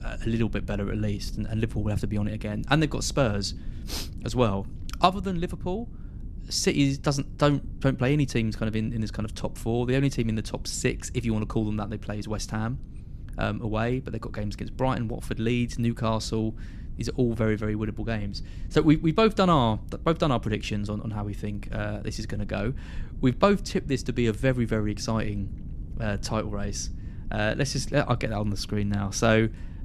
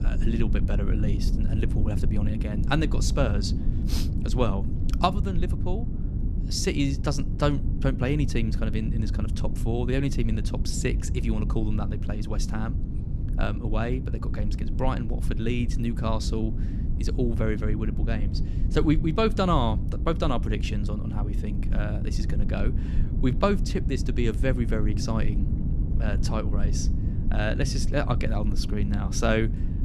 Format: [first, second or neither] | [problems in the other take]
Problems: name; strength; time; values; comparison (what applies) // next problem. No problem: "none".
first | low rumble; loud; throughout; 10 dB below the speech; faint in the first